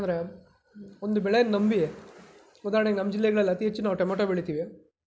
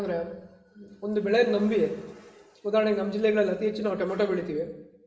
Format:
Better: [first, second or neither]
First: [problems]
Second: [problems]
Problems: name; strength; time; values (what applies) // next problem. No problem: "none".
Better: first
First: none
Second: room echo; dies away in 0.8 s